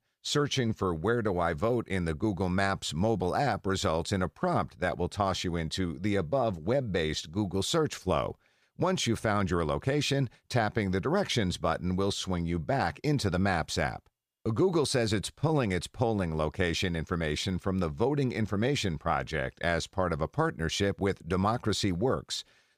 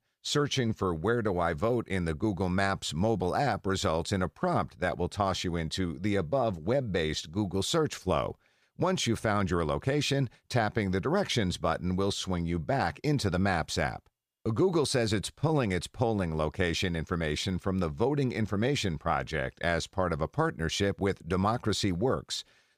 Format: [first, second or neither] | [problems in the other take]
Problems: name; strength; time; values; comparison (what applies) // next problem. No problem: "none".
neither | none